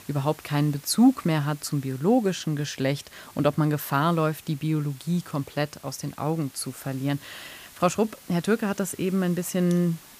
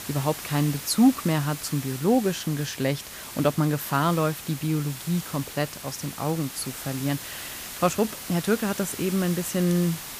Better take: first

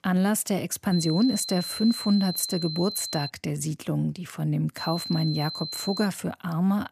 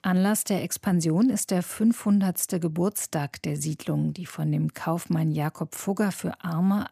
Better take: second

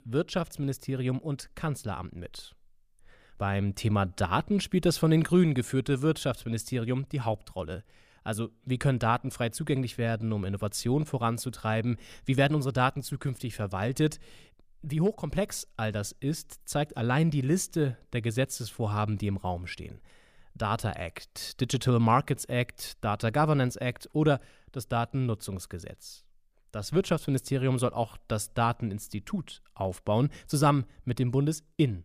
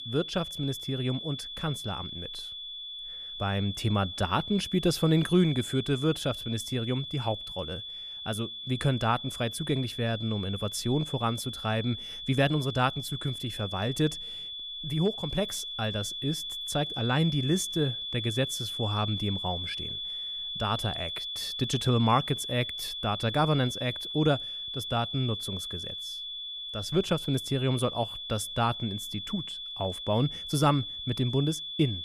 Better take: first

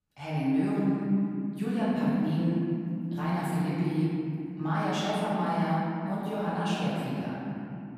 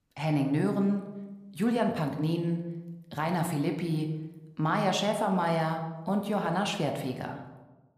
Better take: second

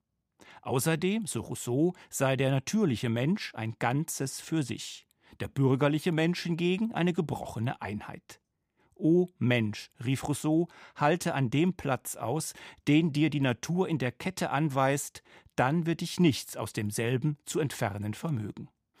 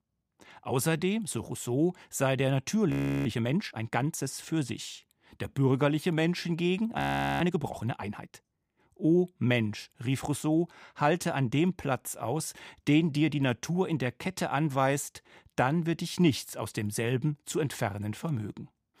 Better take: first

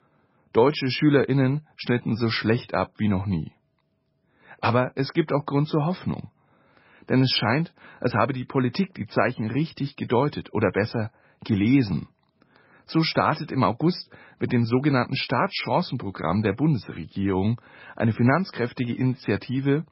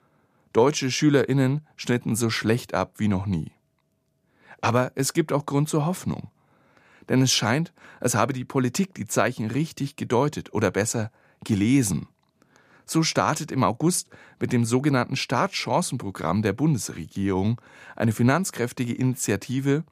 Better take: second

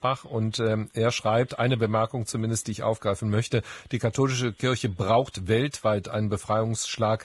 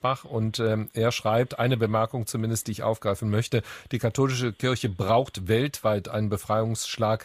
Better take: second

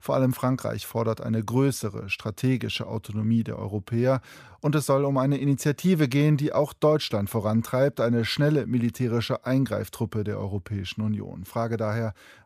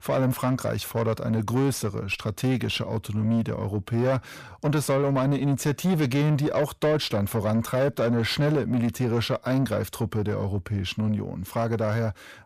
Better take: first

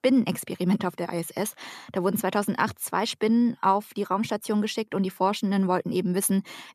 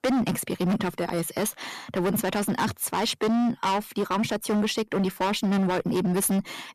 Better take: first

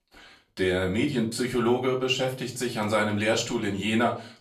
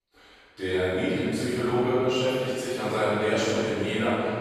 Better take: first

